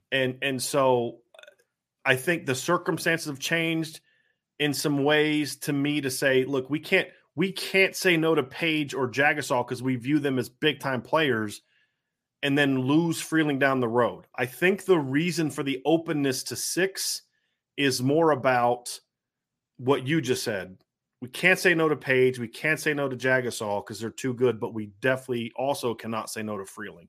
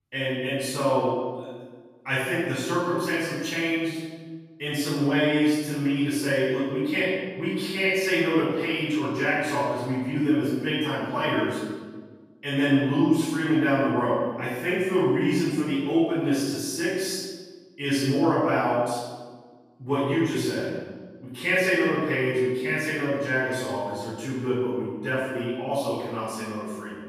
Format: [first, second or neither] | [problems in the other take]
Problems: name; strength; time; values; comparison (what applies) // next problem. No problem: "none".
first | off-mic speech; far // room echo; strong; dies away in 1.2 s